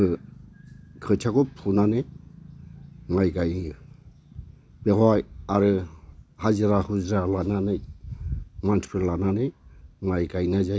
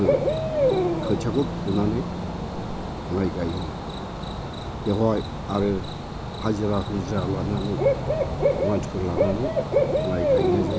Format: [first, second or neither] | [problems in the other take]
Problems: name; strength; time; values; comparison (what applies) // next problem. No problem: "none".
first | background sound (Cricket / Bird); 2 dB above the speech